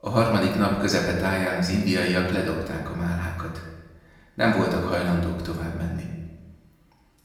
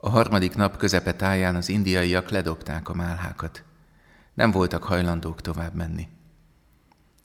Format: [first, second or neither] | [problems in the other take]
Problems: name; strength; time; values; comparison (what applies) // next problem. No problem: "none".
second | room echo; noticeable; dies away in 0.9 s // off-mic speech; far